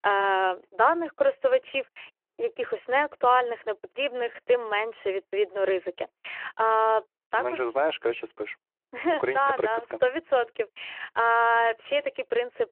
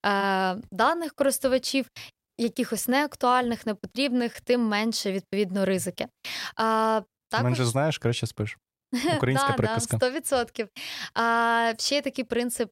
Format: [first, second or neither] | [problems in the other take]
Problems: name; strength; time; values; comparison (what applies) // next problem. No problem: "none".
second | phone-call audio